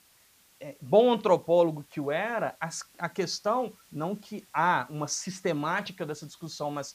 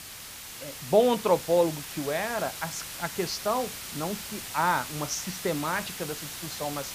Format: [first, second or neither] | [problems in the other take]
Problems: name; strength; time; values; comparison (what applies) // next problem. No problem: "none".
first | hiss; loud; throughout; 8 dB below the speech; faint in the first